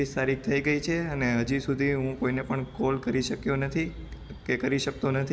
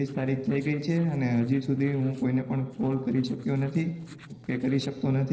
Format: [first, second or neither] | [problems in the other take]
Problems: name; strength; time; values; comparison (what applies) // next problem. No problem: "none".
first | noise reduction (neural separator model SepFormer DNS4)